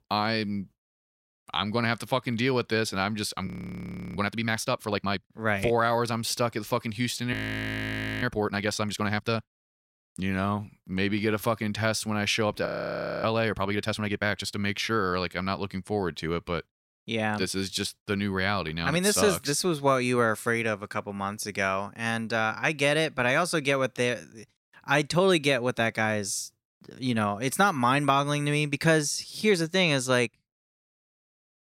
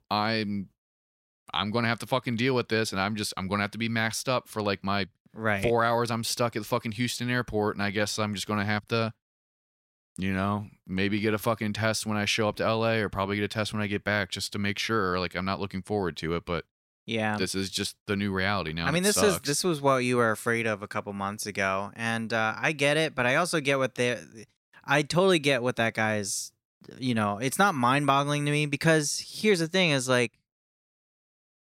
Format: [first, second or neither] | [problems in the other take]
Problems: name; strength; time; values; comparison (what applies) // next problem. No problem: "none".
second | audio freezing; at 3.5 s for 0.5 s, at 7.5 s for 1 s and at 13 s for 0.5 s